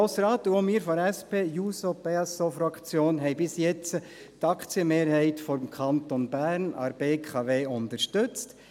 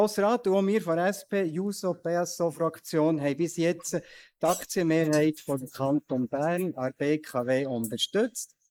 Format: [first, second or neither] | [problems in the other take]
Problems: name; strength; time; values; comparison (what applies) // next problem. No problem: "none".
first | noise reduction (neural mask model Resemble Enhance denoiser)